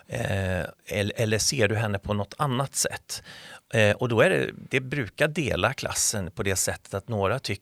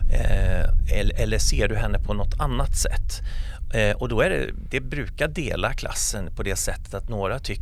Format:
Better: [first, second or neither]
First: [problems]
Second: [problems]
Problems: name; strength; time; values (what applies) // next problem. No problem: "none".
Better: first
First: none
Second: low rumble; faint; throughout; 25 dB below the speech